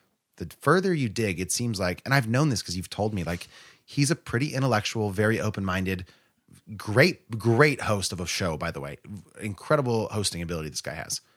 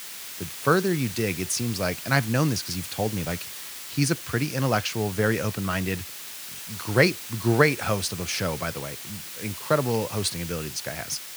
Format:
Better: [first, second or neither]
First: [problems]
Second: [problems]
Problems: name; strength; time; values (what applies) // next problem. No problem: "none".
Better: first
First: none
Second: hiss; loud; throughout; 9 dB below the speech